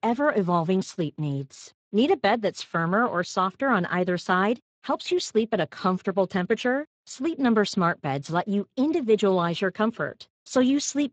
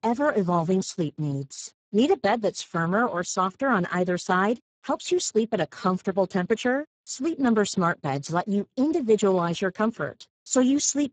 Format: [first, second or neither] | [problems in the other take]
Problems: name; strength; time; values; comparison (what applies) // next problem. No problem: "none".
first | garbled, watery; badly; nothing above 7.5 kHz; slightly in the first